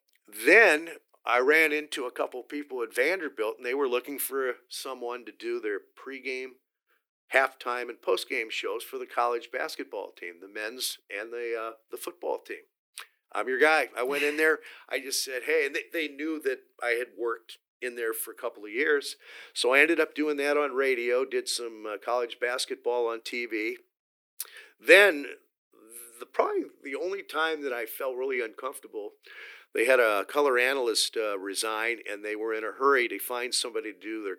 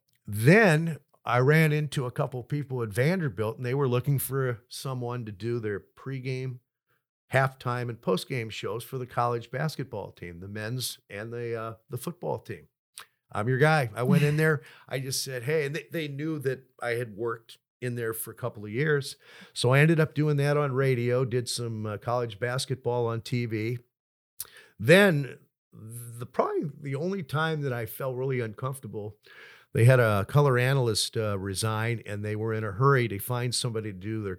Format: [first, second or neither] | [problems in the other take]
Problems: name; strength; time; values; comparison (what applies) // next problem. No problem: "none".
second | thin; very; fading below 300 Hz